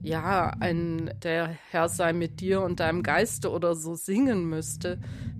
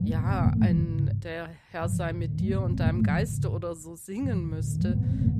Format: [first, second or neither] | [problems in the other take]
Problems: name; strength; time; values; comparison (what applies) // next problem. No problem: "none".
first | low rumble; loud; throughout; 1 dB below the speech; faint in the first